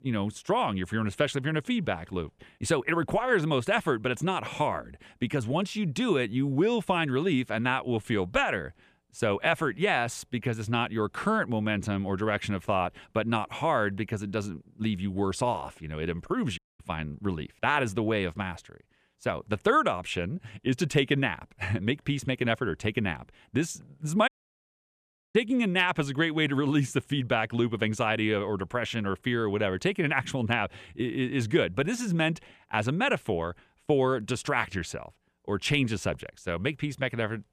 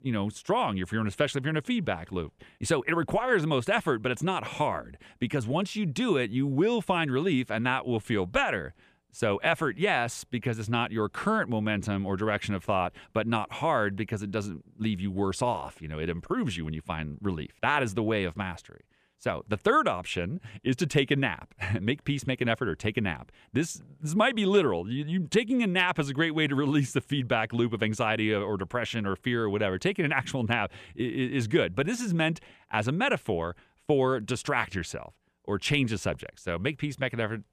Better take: second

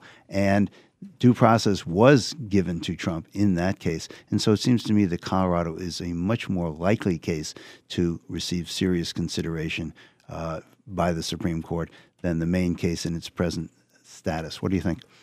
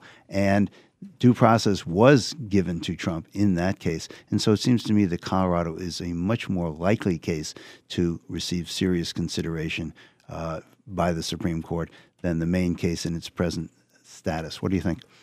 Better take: neither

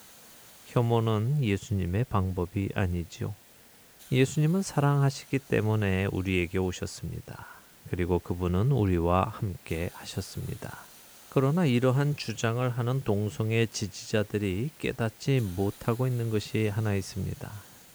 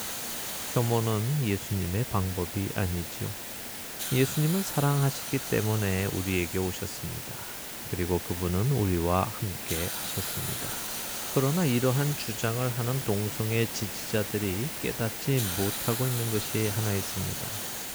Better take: first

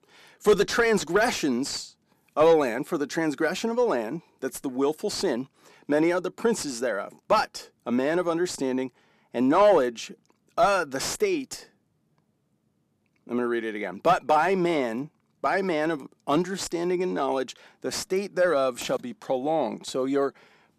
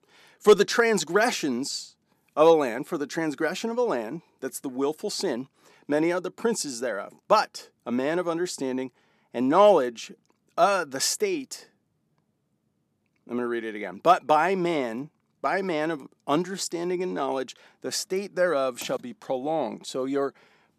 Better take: second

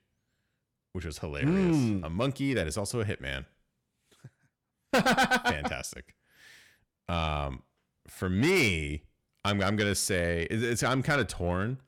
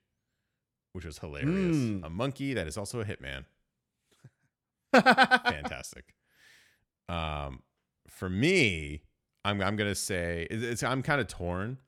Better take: second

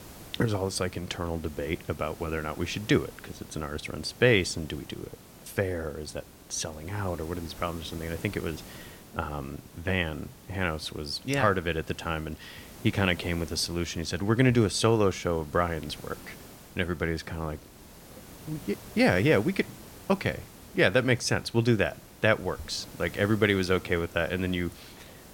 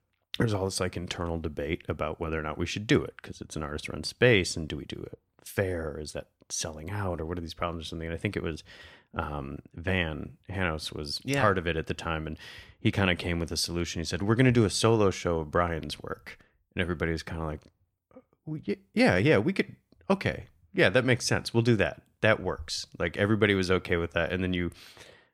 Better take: second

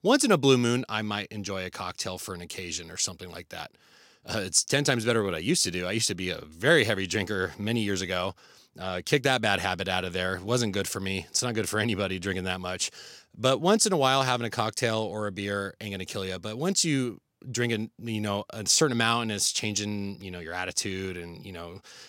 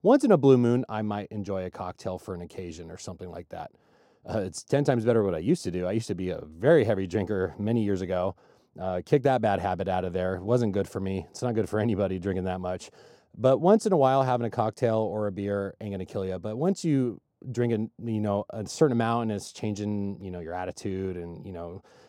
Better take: first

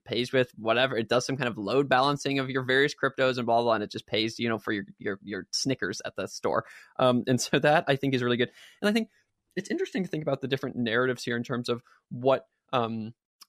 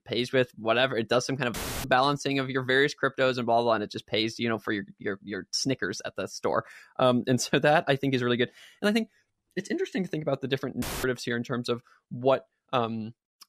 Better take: first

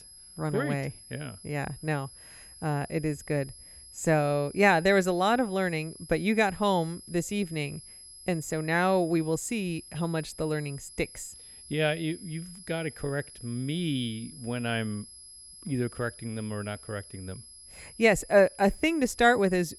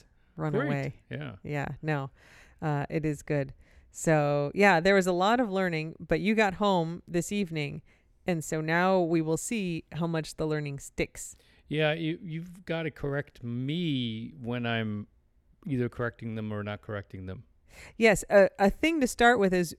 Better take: second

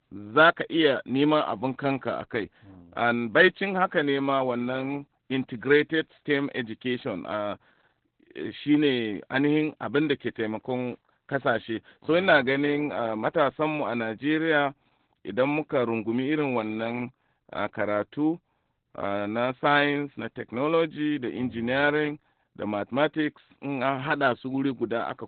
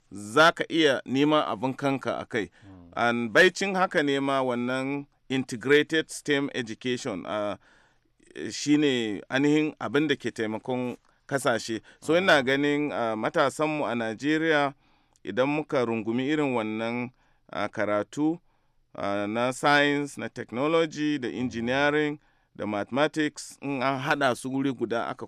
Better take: second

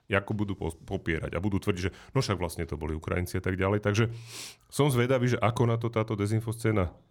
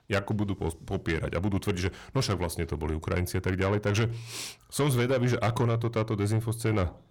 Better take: first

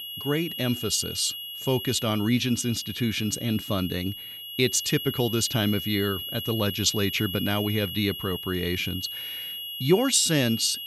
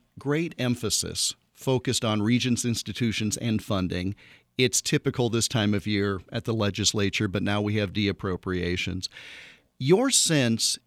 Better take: second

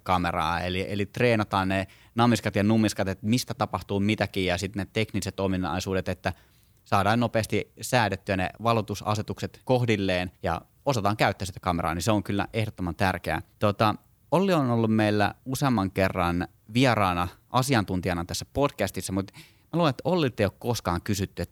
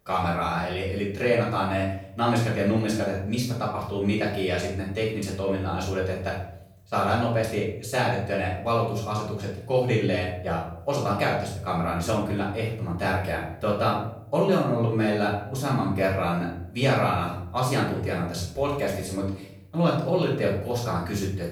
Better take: first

